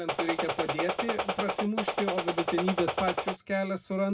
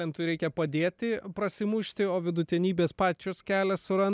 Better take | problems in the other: second | background sound (Gunshot, gunfire); as loud as the speech // room echo; dies away in 0.2 s

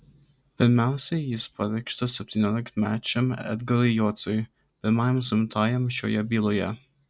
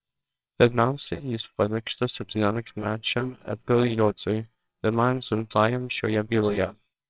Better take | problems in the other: first | noise reduction (neural separator model SepFormer WHAMR!)

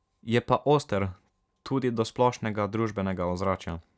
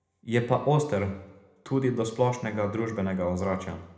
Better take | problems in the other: first | room echo; dies away in 0.8 s

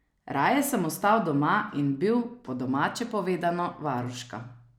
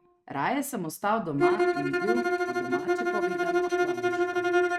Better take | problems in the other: first | noise reduction (neural mask model RNNoise)

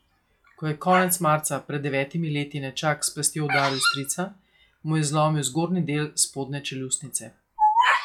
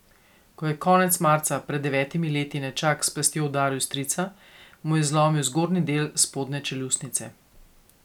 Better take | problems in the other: second | noise reduction (classical method log-MMSE)

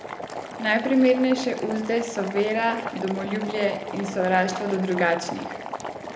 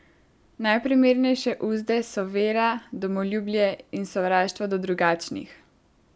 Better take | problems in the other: second | background sound (Boiling); 9 dB below the speech // room echo; dies away in 0.7 s

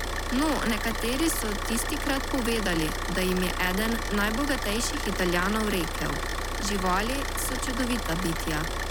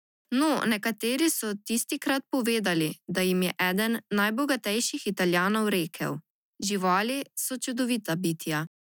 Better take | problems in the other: second | background sound (Idling / Car); 1 dB below the speech

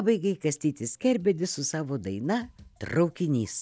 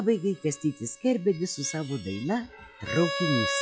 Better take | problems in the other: first | noise reduction (classical method log-MMSE)

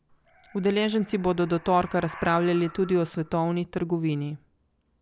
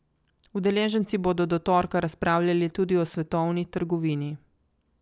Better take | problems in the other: second | background sound (Animal); 20 dB below the speech

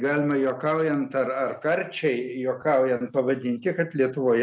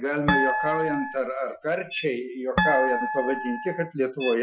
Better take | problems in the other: first | noise reduction (classical method Wiener filter)

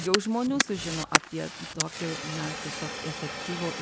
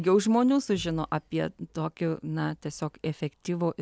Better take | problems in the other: second | background sound (Fire); as loud as the speech

